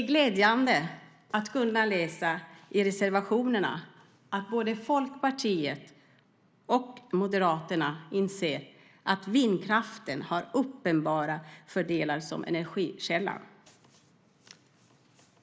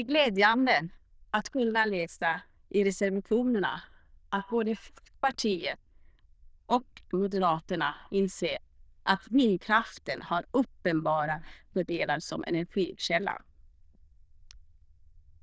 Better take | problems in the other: first | noise reduction (neural diffusion model UNIVERSE++)

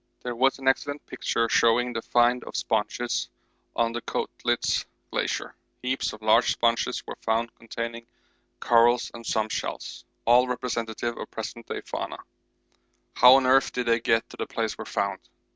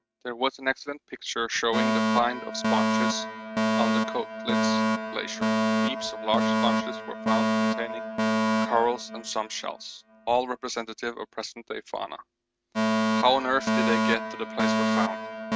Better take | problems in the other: first | noise reduction (neural mask model RNNoise)

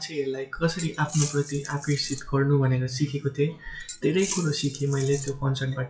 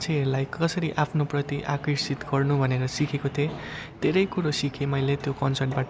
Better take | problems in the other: second | noise reduction (classical method WPE with log-MMSE)

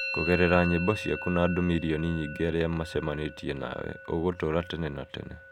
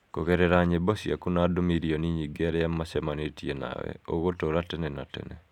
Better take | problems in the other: second | background sound (Musical instrument); 10 dB below the speech

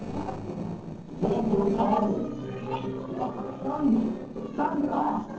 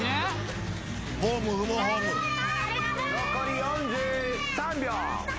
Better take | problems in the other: second | noise reduction (neural separator model SepFormer DNS4)

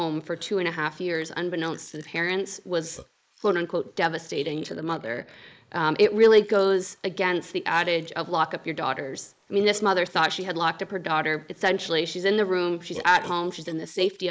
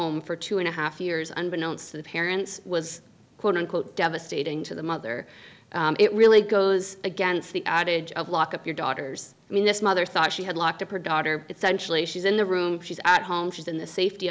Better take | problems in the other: second | noise reduction (neural mask model Resemble Enhance denoiser)

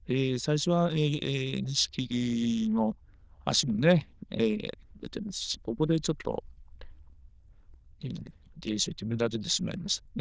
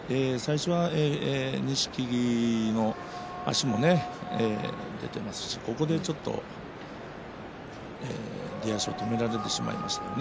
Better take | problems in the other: second | noise reduction (neural diffusion model UNIVERSE++)

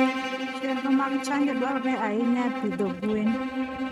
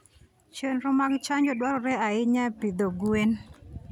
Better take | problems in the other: second | noise reduction (neural mask model RNNoise)

